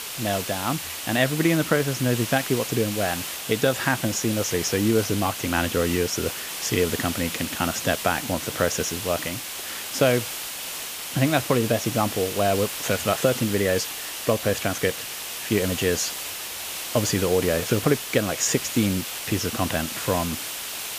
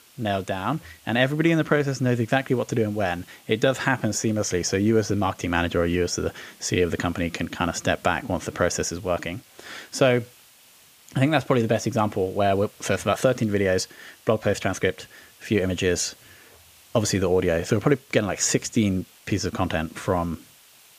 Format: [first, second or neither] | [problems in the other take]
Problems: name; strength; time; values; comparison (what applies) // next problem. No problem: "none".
second | hiss; loud; throughout; 5 dB below the speech; faint in the second